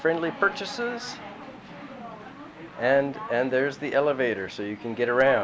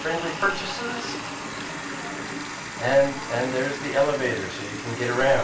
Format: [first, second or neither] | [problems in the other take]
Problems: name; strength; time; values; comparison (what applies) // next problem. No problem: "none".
first | background sound (Water tap, faucet); 8 dB below the speech // room echo; dies away in 0.3 s